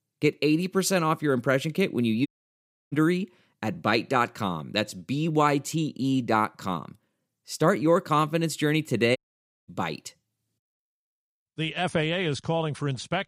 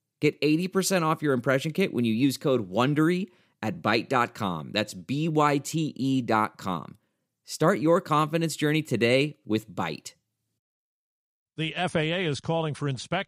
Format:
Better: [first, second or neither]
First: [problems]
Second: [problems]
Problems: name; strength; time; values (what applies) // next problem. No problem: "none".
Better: second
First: audio cutting out; at 2.5 s for 0.5 s and at 9 s for 0.5 s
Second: none